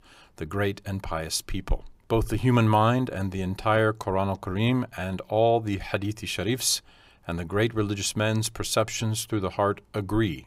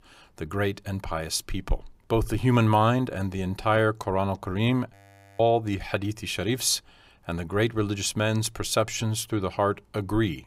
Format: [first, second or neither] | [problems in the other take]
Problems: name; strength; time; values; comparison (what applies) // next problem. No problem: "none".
first | audio freezing; at 5 s